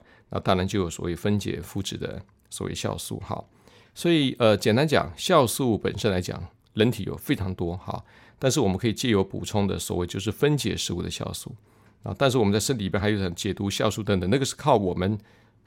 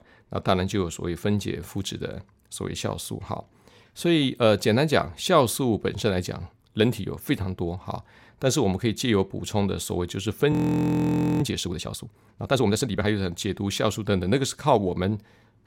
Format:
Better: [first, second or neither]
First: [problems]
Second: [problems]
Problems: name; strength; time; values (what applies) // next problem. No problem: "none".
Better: first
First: none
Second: audio freezing; at 11 s for 1 s